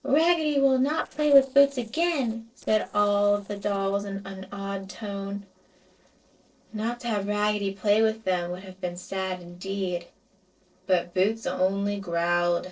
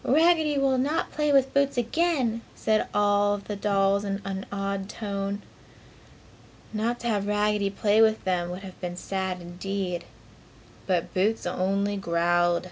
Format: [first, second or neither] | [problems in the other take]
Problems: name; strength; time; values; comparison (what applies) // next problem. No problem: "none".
second | noise reduction (neural separator model SepFormer DNS4)